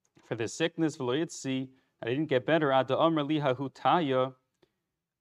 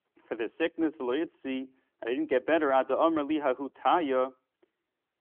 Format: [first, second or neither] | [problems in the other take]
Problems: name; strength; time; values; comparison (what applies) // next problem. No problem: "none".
first | phone-call audio; nothing above 3.5 kHz